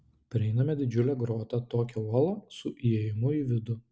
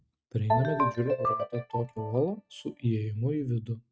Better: first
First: none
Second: noise reduction (neural mask model RNNoise)

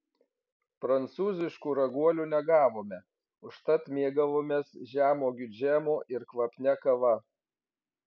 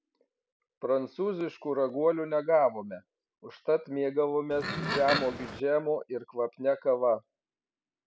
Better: first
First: none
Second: background sound (Livestock, farm animals, working animals); 3 dB below the speech

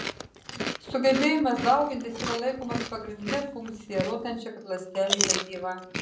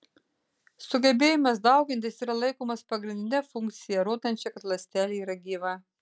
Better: second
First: background sound (Chewing, mastication); 5 dB below the speech // room echo; dies away in 0.6 s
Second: none

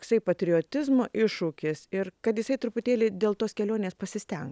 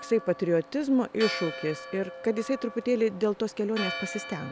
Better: first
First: none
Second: background sound (Church bell); 11 dB below the speech

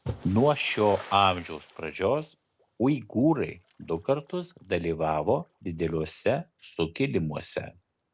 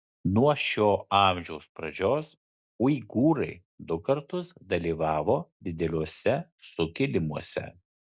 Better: second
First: background sound (Splash, splatter); 20 dB below the speech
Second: none

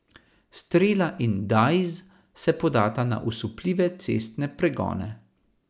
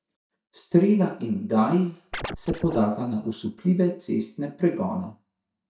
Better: first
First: none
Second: noise reduction (neural mask model DeepFilterNet 3)

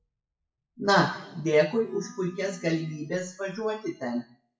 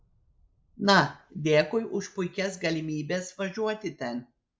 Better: second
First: noise reduction (classical method WPE with log-MMSE)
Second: none

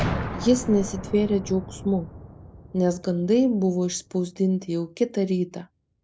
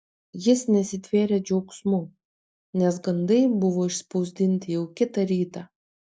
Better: second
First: background sound (Boom); 11 dB below the speech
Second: none

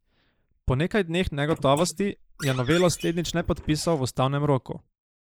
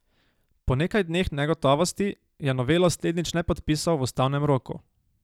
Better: second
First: noise reduction (neural mask model Resemble Enhance denoiser)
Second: none

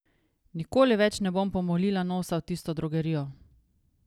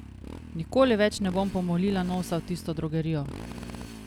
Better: first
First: none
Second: background sound (Motorcycle); 12 dB below the speech

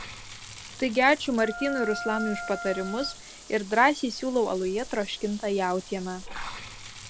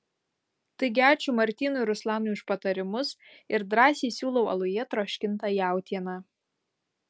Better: second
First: background sound (Bathtub (filling or washing) / Water + Wind instrument, woodwind instrument); 11 dB below the speech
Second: none

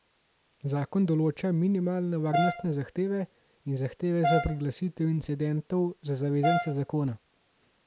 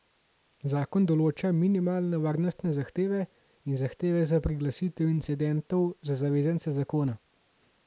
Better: second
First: background sound (Brass instrument); 2 dB below the speech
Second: none

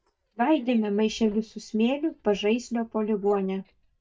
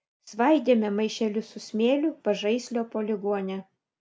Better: second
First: noise reduction (neural mask model DeepFilterNet 3)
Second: none

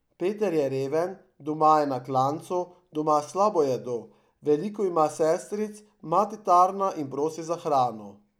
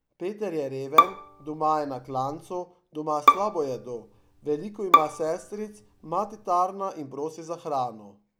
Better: first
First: none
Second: background sound (Bowed string instrument); 4 dB above the speech

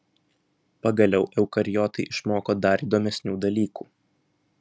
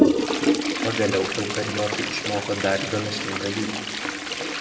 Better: first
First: none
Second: background sound (Toilet flush); 3 dB above the speech // room echo; dies away in 1.1 s

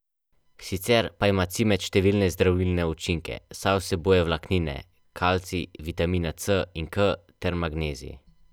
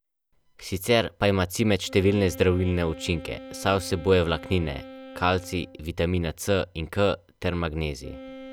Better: first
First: none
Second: background sound (Wind instrument, woodwind instrument); 18 dB below the speech

